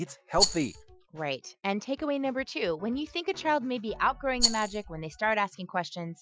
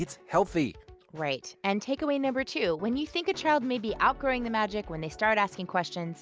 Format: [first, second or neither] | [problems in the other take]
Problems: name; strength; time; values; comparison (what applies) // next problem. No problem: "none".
second | noise reduction (classical method Wiener filter)